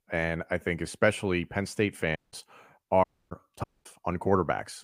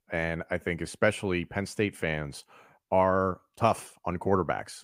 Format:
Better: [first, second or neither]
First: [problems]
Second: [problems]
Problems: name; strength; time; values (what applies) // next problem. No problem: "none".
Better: second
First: audio cutting out; at 2 s, at 3 s and at 3.5 s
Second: none